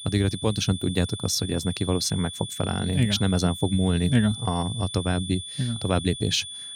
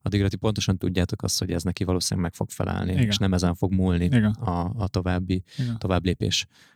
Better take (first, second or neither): second